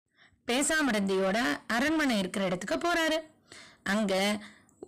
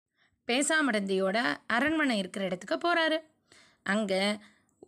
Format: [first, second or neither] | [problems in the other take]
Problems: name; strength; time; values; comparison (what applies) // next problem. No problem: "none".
second | distortion; heavy; 8 dB below the speech